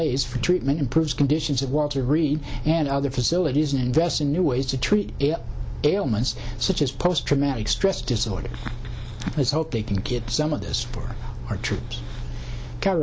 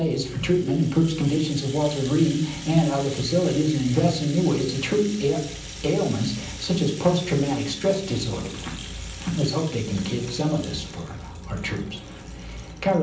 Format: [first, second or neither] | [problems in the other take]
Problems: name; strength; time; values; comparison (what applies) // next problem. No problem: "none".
first | background sound (Rattle (instrument)); 17 dB below the speech // room echo; dies away in 0.6 s